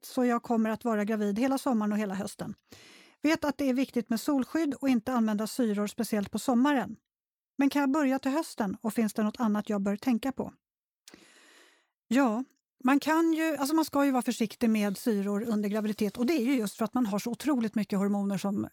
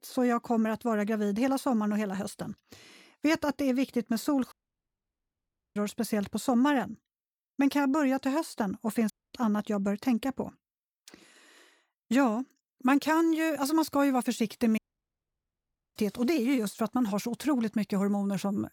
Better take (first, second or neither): first